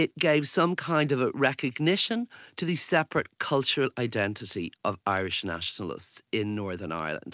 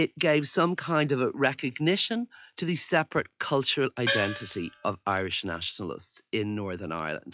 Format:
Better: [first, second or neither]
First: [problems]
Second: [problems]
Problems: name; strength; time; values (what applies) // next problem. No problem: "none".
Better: first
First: none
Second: noise reduction (classical method log-MMSE)